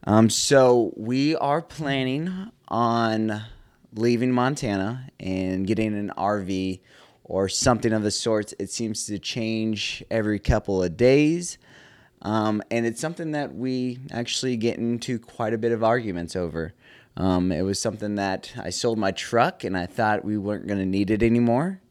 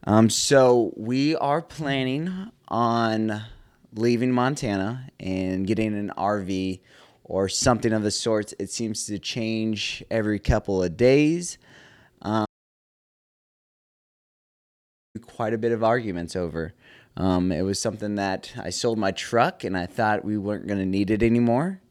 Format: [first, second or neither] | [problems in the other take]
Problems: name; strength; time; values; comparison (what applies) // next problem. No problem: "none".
first | audio cutting out; at 12 s for 2.5 s